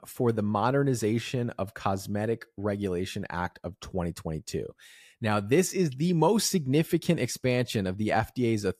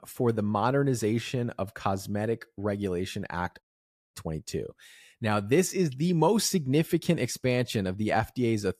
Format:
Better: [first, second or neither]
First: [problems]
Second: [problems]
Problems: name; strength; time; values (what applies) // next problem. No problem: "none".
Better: first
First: none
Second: audio cutting out; at 3.5 s for 0.5 s